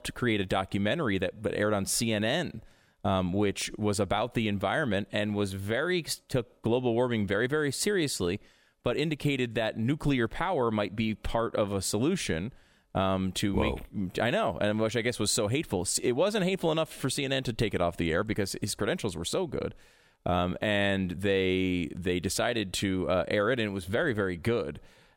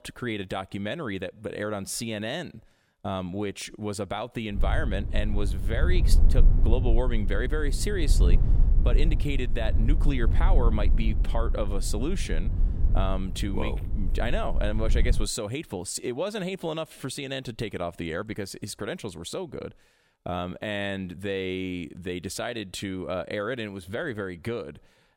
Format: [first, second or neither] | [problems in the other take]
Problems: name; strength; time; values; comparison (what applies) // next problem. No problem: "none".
first | low rumble; noticeable; from 4.5 to 15 s; 10 dB below the speech